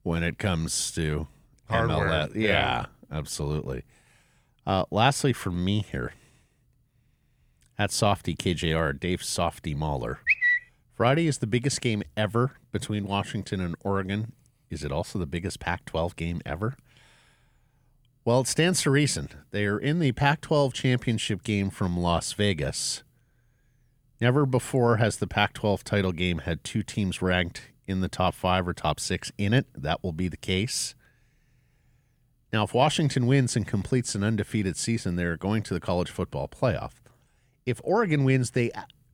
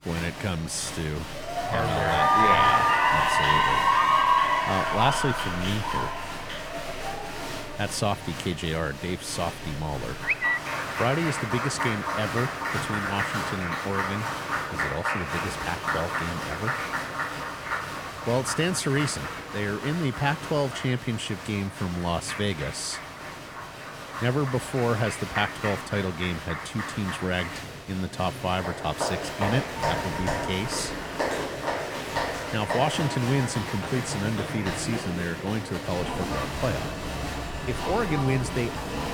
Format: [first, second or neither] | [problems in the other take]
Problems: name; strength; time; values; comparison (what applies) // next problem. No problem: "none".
first | crowd noise; very loud; throughout; 1 dB above the speech